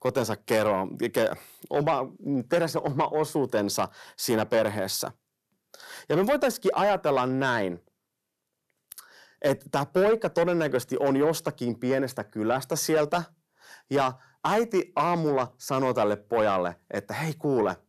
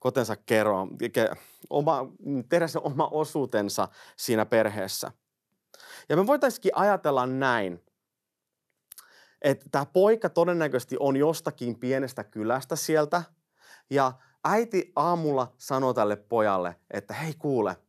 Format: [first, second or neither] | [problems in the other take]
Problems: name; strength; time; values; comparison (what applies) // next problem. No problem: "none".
second | distortion; slight; 10 dB below the speech